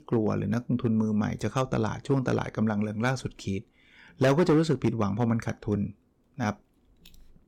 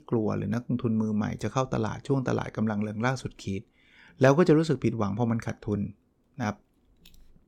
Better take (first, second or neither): second